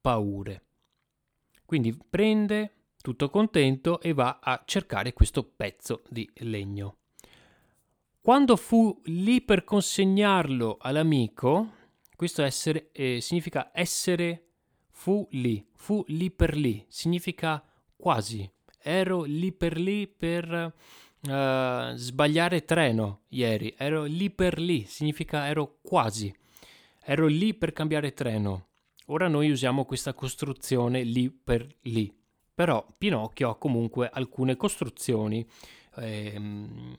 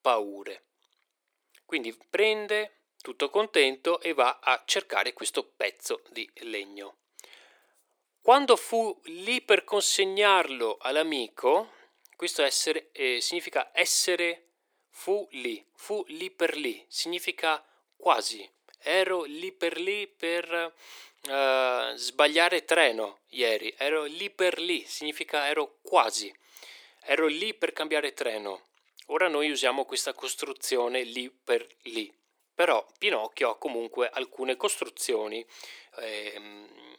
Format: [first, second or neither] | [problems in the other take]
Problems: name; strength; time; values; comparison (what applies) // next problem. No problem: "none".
first | thin; very; fading below 350 Hz